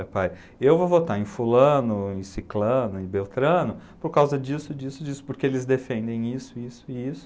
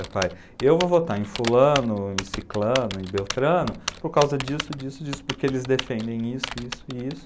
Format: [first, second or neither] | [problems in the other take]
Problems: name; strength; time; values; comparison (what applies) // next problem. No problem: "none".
first | background sound (Typing); 11 dB below the speech